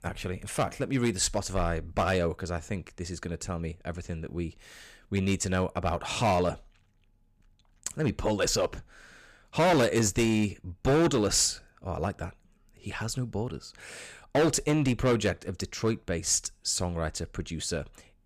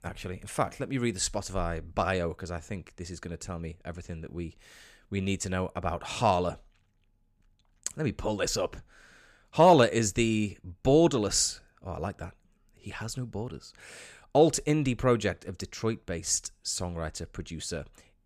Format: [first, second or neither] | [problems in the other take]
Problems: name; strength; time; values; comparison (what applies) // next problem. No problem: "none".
second | distortion; heavy; 5% of the sound clipped